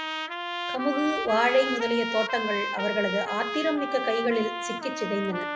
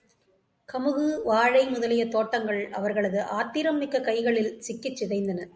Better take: second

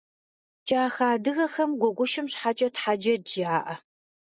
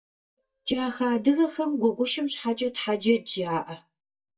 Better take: first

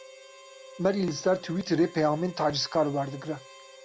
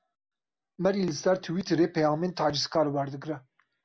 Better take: second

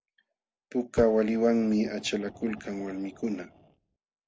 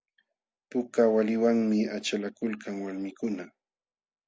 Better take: second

